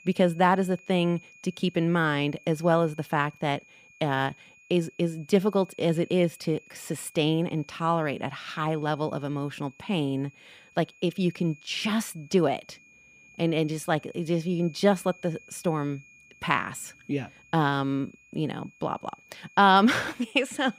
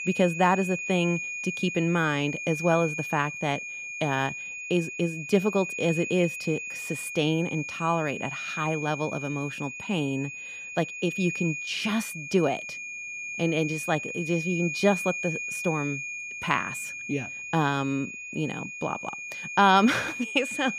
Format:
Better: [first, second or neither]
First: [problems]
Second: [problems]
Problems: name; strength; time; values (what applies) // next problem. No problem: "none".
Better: first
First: high-pitched whine; faint; throughout; 2.5 kHz, 25 dB below the speech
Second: high-pitched whine; loud; throughout; 2.5 kHz, 6 dB below the speech